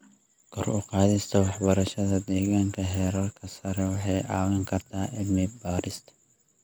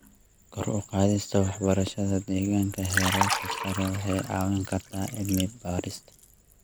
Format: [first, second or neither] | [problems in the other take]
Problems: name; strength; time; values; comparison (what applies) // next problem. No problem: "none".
first | background sound (Liquid); 8 dB below the speech